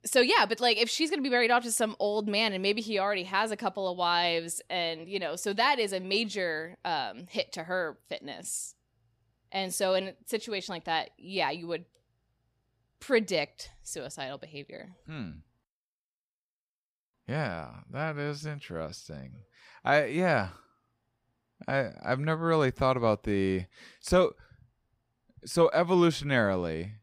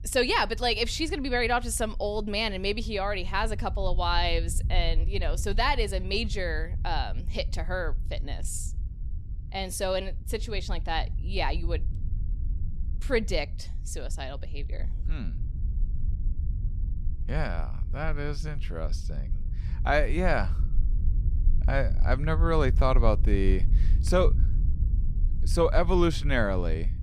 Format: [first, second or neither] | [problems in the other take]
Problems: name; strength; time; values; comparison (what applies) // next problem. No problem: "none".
first | low rumble; faint; throughout; 20 dB below the speech